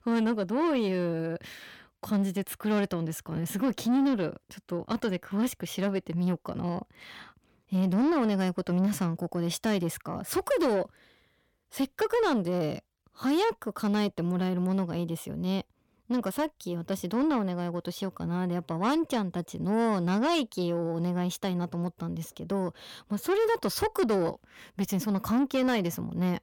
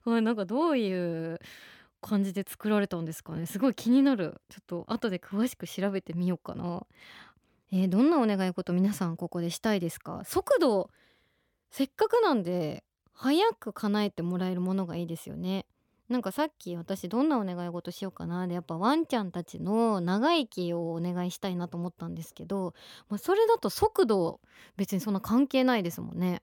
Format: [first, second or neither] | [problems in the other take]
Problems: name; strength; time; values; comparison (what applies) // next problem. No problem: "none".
second | distortion; slight; 10 dB below the speech